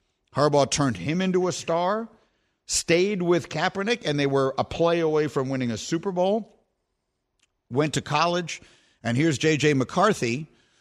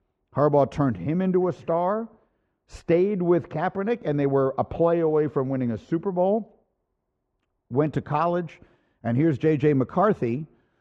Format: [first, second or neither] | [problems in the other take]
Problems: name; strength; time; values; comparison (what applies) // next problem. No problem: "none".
first | muffled; very; fading above 2.5 kHz